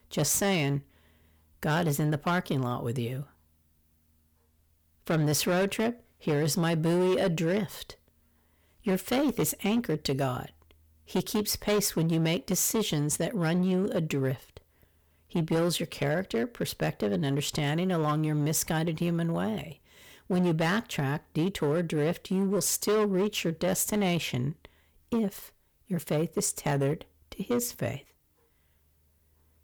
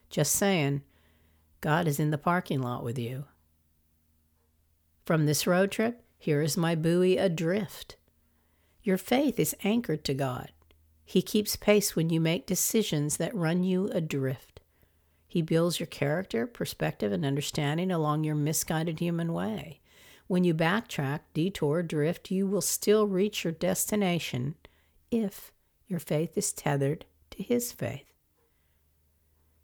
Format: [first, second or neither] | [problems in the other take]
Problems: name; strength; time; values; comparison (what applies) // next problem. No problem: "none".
second | distortion; slight; 9% of the sound clipped